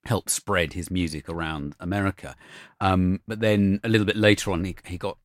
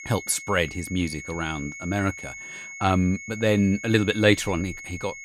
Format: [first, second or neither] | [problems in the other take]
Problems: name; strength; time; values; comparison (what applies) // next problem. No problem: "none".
first | high-pitched whine; noticeable; throughout; 2 kHz, 10 dB below the speech